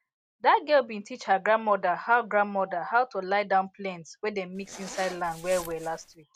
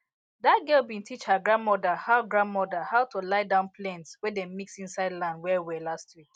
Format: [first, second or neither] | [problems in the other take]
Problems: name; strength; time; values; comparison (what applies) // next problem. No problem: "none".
second | background sound (Zipper (clothing)); 16 dB below the speech